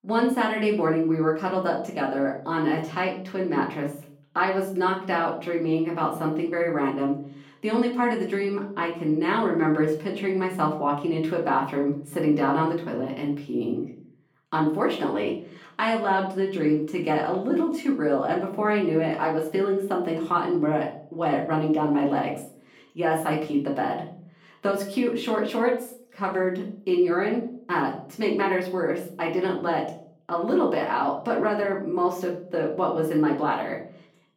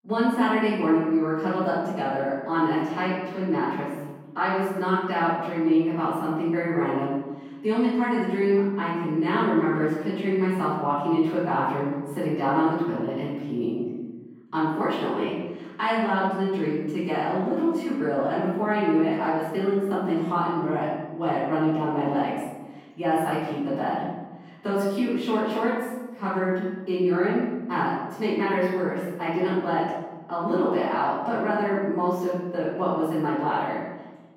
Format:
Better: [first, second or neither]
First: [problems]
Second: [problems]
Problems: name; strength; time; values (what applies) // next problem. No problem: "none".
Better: first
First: room echo; slight; dies away in 0.4 s // off-mic speech; far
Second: room echo; strong; dies away in 1.1 s // off-mic speech; far